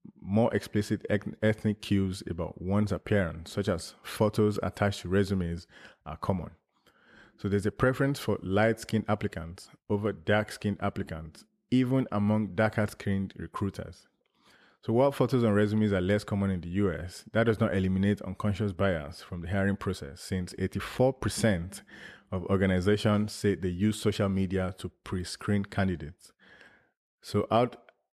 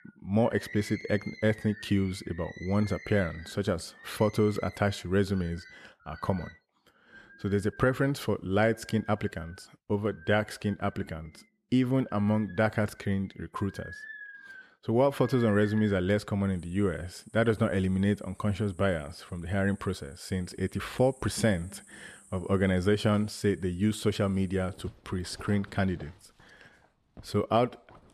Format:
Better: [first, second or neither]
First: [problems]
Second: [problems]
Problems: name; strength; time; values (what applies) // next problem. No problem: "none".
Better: first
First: none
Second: animal sounds; faint; throughout; 20 dB below the speech